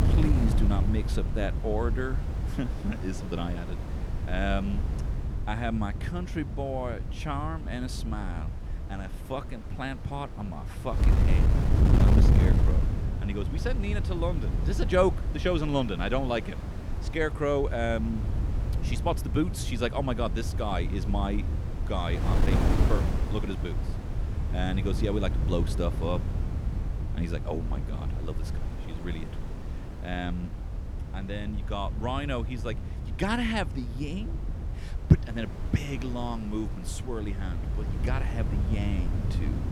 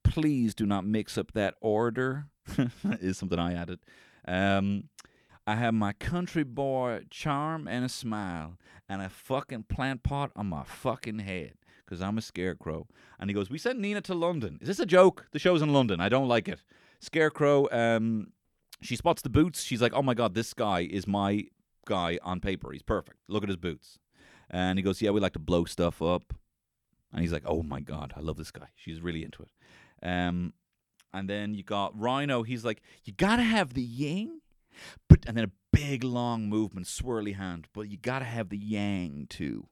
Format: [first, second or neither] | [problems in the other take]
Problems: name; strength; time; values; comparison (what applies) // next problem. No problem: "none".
second | wind noise on the microphone; heavy; 8 dB below the speech